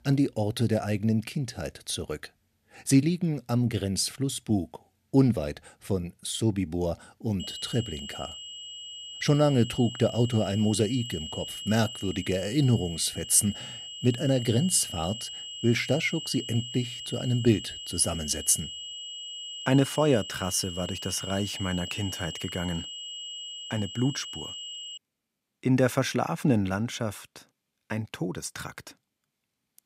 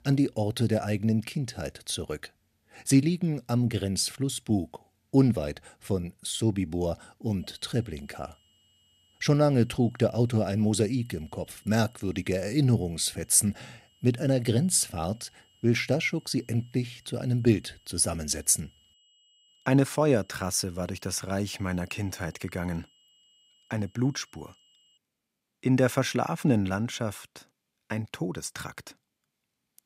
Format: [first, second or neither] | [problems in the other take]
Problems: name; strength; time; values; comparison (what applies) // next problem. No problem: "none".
second | high-pitched whine; loud; from 7.5 to 25 s; 3 kHz, 9 dB below the speech; faint in the second